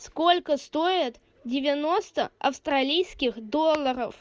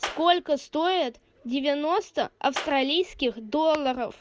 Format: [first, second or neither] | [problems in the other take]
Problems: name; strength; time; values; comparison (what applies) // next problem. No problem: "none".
first | background sound (Clapping); 13 dB below the speech